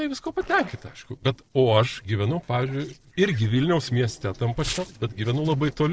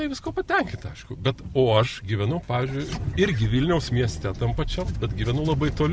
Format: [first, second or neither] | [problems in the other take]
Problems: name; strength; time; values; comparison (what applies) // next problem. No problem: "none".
second | noise reduction (neural separator model SepFormer DNS4)